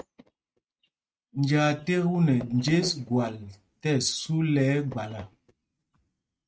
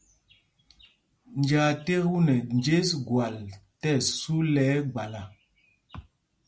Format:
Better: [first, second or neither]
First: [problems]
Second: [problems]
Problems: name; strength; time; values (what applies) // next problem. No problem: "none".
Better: second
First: noise reduction (neural mask model RNNoise)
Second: none